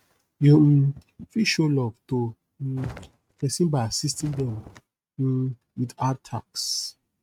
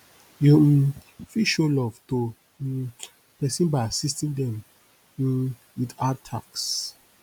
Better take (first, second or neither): second